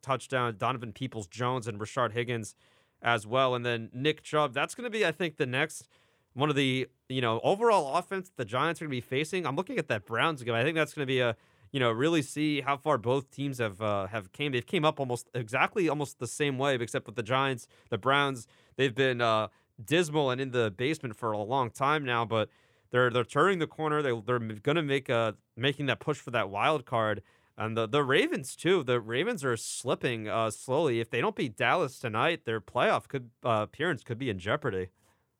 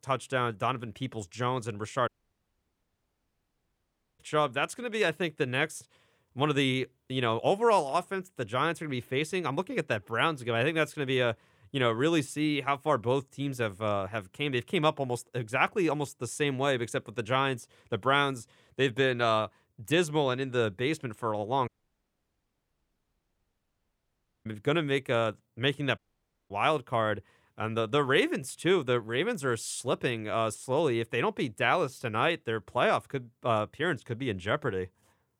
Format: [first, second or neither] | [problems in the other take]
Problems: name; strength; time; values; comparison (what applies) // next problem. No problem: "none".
first | audio cutting out; at 2 s for 2 s, at 22 s for 3 s and at 26 s for 0.5 s